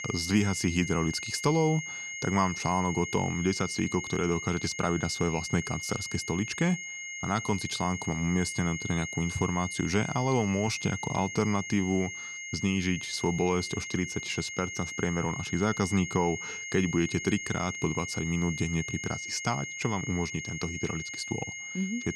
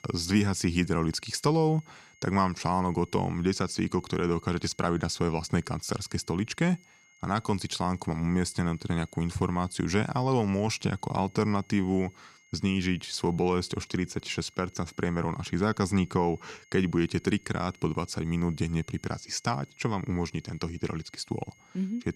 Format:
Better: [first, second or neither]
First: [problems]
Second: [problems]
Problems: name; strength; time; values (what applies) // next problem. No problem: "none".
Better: second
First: high-pitched whine; loud; throughout; 2 kHz, 6 dB below the speech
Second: high-pitched whine; faint; throughout; 2 kHz, 30 dB below the speech